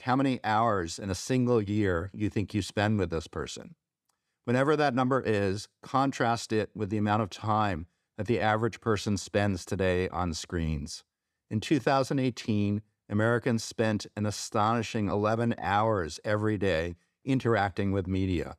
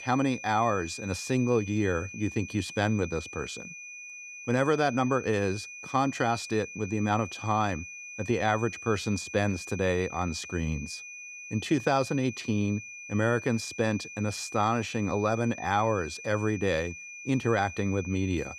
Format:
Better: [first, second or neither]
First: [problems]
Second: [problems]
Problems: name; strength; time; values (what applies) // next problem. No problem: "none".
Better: first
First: none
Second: high-pitched whine; noticeable; throughout; 2.5 kHz, 10 dB below the speech